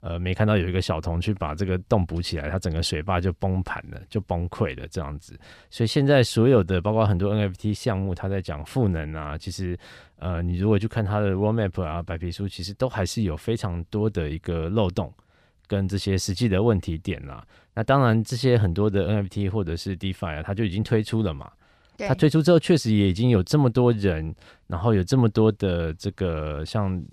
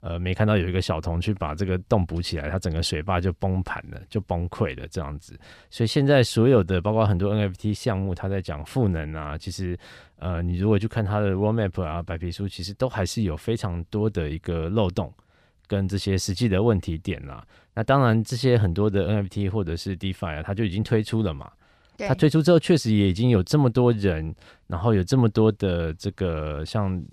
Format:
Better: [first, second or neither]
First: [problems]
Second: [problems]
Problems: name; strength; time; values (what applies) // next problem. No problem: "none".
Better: neither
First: none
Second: none